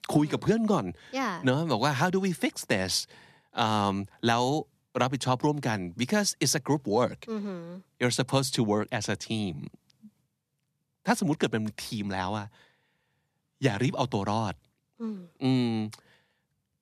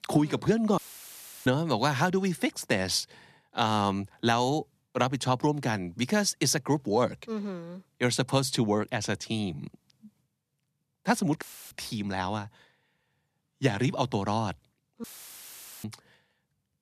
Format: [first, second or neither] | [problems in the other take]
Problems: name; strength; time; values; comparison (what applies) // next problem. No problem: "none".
first | audio cutting out; filled with static; at 1 s for 0.5 s, at 11 s and at 15 s for 1 s